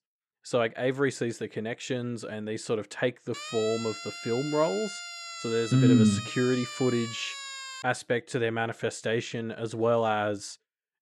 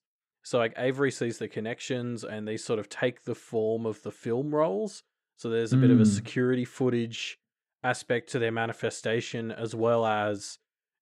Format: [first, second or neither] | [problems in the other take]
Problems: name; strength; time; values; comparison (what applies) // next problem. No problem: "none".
second | siren; noticeable; from 3.5 to 8 s; peak 8 dB below the speech